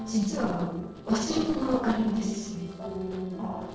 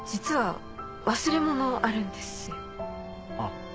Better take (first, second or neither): second